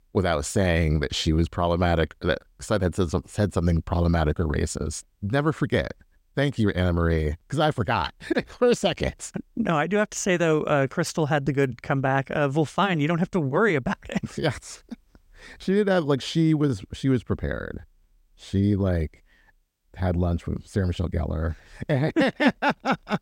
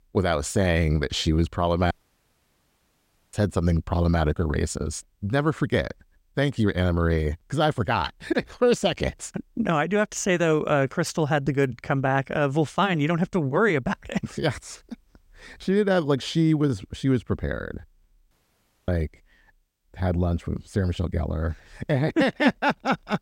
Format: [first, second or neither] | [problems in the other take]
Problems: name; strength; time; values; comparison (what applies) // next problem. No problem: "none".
first | audio cutting out; at 2 s for 1.5 s and at 18 s for 0.5 s